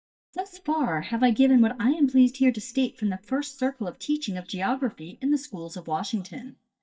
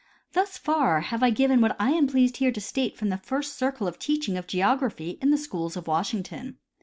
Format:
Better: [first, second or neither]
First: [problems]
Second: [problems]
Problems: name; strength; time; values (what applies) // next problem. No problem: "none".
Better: second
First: noise reduction (neural mask model DeepFilterNet 3)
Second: none